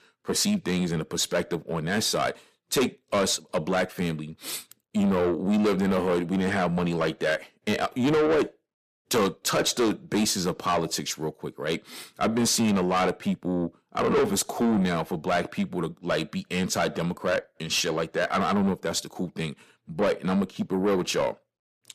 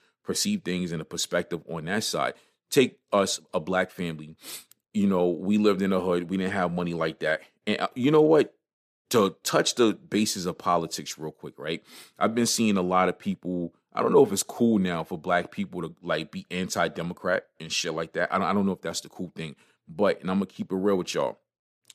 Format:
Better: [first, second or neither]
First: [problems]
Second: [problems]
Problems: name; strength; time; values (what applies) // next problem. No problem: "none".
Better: second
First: distortion; heavy; 7 dB below the speech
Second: none